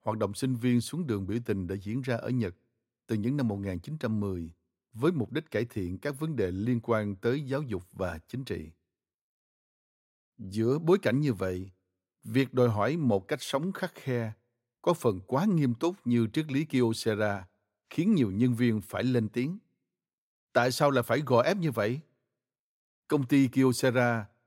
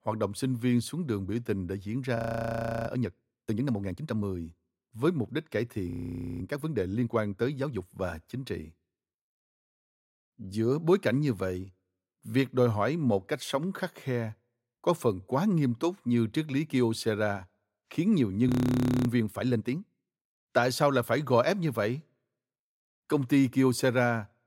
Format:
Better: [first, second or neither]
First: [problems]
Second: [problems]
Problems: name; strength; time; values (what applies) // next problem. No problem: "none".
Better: first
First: none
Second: audio freezing; at 2 s for 0.5 s, at 6 s for 0.5 s and at 18 s for 0.5 s